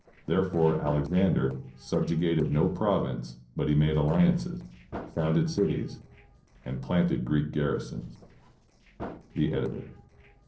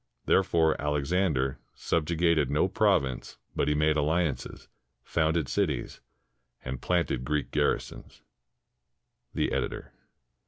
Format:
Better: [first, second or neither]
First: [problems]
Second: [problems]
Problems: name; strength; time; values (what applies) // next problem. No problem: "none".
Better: second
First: noise reduction (neural separator model SepFormer DNS4)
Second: none